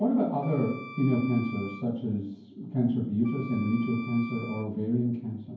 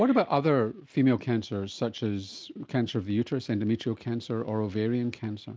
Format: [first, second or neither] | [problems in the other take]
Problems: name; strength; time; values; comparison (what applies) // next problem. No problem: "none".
second | background sound (Wind instrument, woodwind instrument); 17 dB below the speech // room echo; dies away in 0.9 s